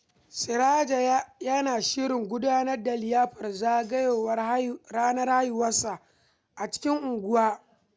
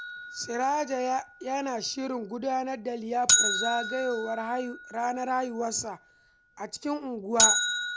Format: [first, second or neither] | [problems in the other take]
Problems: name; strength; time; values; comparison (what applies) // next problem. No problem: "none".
first | background sound (Bell); as loud as the speech